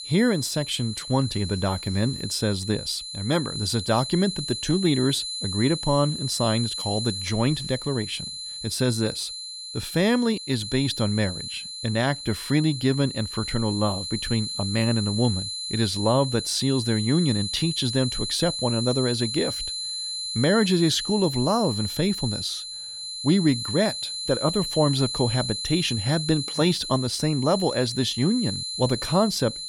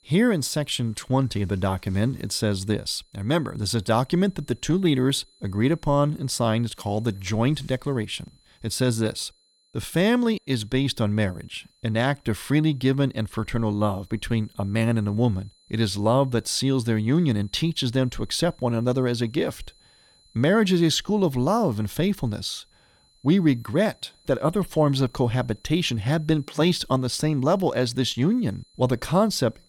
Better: second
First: high-pitched whine; loud; throughout; 4 kHz, 5 dB below the speech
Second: high-pitched whine; faint; throughout; 4 kHz, 35 dB below the speech

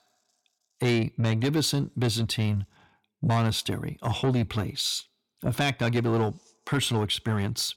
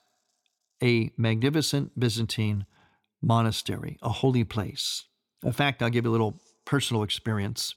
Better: second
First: distortion; slight; 10 dB below the speech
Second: none

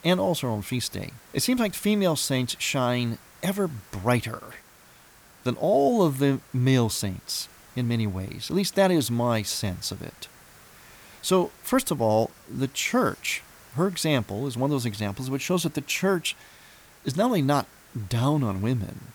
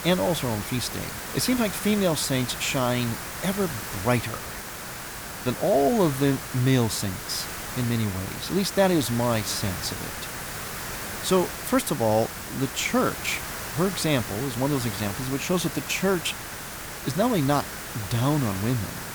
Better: first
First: hiss; faint; throughout; 25 dB below the speech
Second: hiss; loud; throughout; 7 dB below the speech

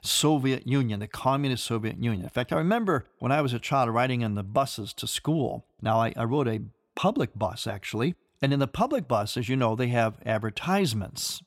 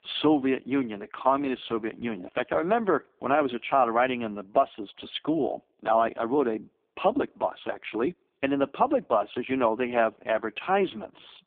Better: first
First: none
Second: phone-call audio; poor line

